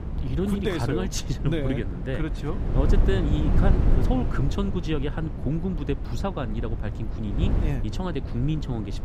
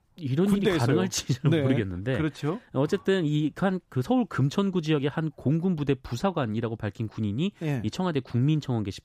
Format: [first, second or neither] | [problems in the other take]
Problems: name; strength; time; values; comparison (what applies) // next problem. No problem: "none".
second | wind noise on the microphone; heavy; 6 dB below the speech